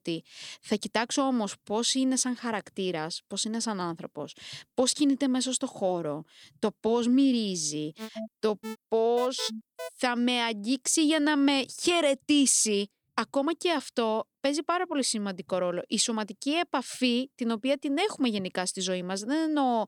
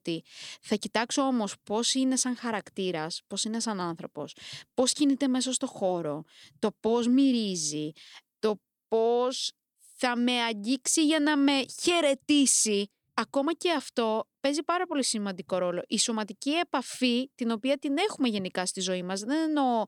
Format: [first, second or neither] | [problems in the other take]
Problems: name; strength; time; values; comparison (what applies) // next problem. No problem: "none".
second | alarm; faint; from 8 to 10 s; peak 10 dB below the speech